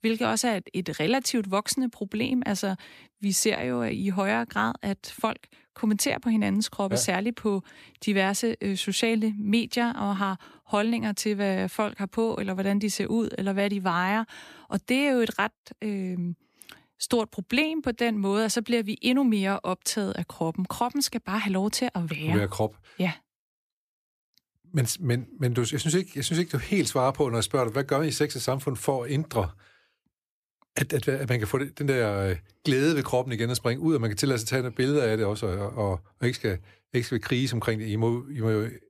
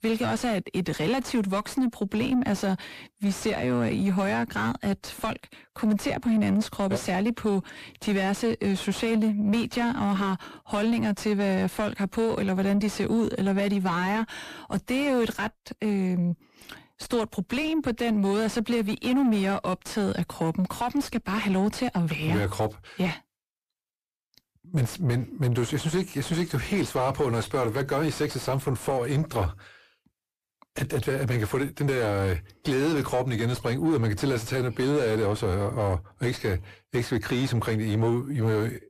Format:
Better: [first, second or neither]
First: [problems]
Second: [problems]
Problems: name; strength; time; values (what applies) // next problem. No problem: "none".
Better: first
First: none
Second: distortion; heavy; 7 dB below the speech